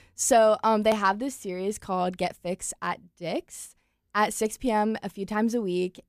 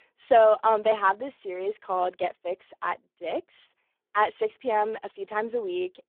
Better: first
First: none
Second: phone-call audio; poor line

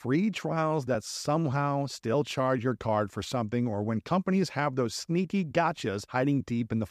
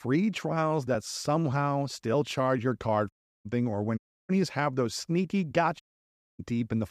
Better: first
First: none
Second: audio cutting out; at 3 s, at 4 s and at 6 s for 0.5 s

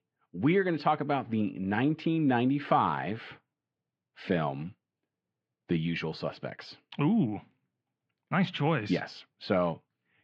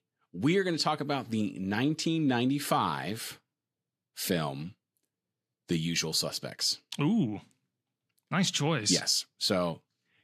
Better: second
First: muffled; very; fading above 2.5 kHz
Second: none

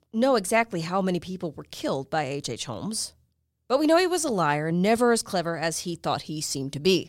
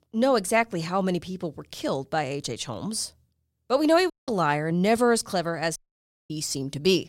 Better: first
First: none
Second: audio cutting out; at 4 s and at 6 s for 0.5 s

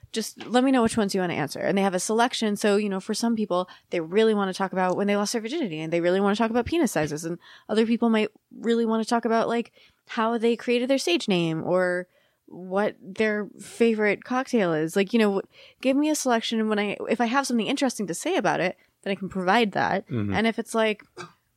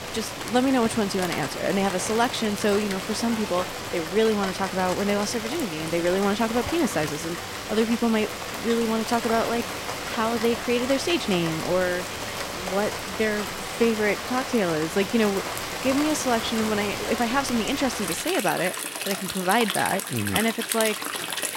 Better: first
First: none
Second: rain or running water; loud; throughout; 5 dB below the speech

